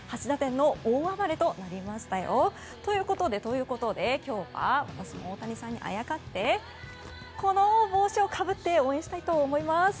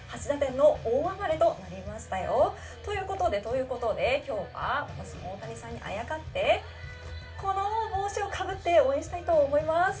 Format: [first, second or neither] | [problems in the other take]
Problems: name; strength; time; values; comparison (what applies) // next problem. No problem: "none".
first | room echo; dies away in 0.2 s